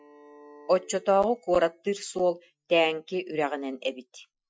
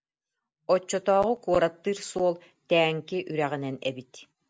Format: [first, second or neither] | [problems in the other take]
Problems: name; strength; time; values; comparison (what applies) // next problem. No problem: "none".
second | noise reduction (classical method Wiener filter)